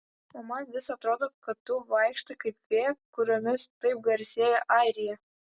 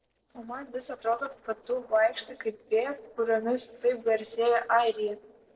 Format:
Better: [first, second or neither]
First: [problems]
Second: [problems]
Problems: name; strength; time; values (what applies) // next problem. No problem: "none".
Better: first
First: none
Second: noise reduction (neural separator model SepFormer DNS4)